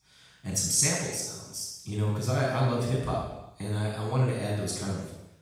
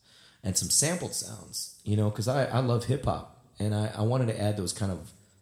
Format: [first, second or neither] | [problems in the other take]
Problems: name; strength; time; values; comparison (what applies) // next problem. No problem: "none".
second | room echo; strong; dies away in 0.9 s; slight in the second // off-mic speech; far